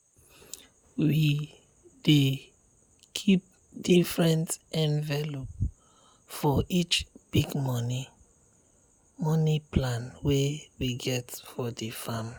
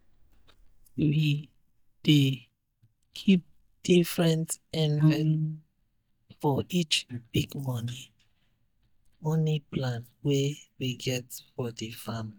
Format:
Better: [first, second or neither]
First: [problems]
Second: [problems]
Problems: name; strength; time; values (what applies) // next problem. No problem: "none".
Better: first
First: none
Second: noise reduction (neural mask model DeepFilterNet 3)